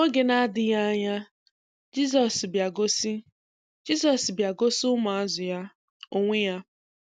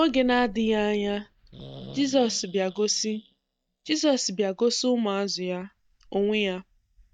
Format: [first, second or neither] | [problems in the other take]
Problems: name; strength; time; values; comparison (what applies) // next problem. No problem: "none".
first | noise reduction (neural mask model DeepFilterNet 3)